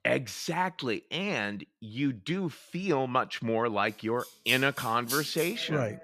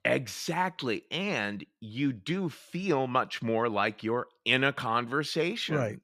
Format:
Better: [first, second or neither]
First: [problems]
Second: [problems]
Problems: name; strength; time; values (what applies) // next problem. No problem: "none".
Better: second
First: background music; loud; from 4.5 s on; 9 dB below the speech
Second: none